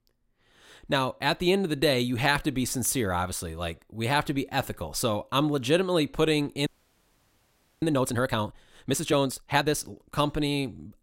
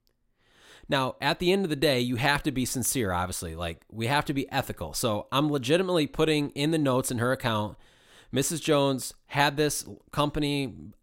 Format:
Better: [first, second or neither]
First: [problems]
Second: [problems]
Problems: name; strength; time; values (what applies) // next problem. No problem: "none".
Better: second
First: audio freezing; at 6.5 s for 1 s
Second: none